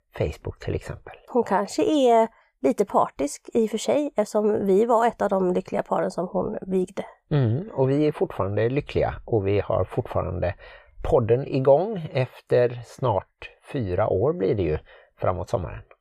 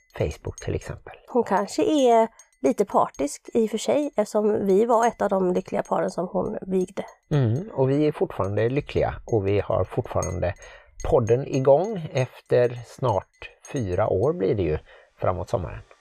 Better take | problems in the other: first | household noises; faint; throughout; 25 dB below the speech

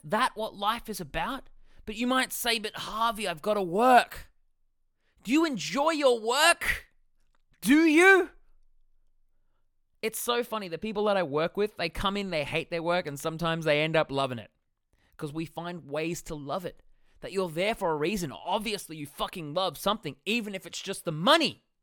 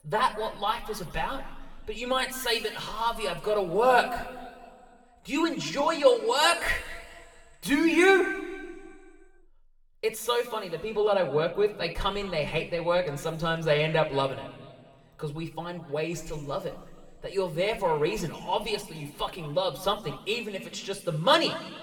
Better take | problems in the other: first | room echo; slight; dies away in 1.7 s

